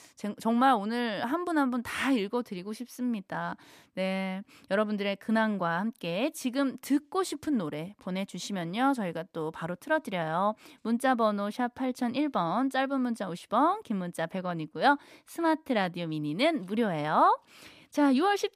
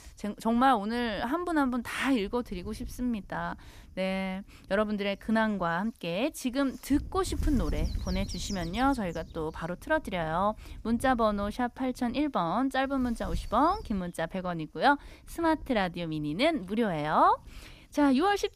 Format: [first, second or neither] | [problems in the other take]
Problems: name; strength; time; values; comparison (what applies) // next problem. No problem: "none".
first | wind noise on the microphone; occasional gusts; 20 dB below the speech